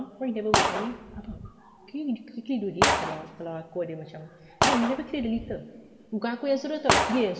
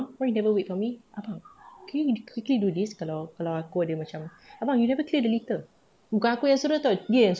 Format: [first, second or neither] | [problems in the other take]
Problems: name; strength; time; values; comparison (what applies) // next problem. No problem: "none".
second | background sound (Gunshot, gunfire); 1 dB above the speech // room echo; dies away in 2.5 s